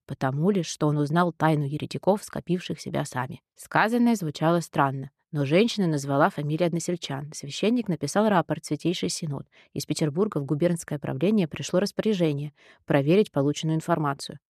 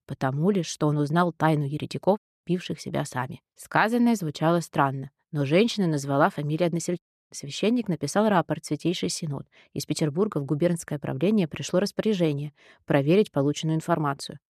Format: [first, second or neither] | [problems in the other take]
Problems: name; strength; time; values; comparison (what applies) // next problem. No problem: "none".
first | audio cutting out; at 2 s and at 7 s